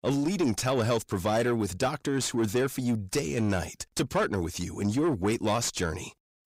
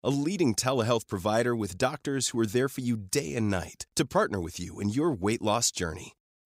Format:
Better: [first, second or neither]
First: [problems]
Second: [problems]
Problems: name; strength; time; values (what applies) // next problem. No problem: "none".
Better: second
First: distortion; slight; 10 dB below the speech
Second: none